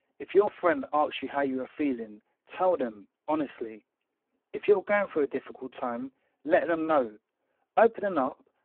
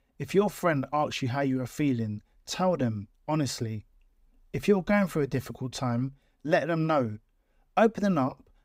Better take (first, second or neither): second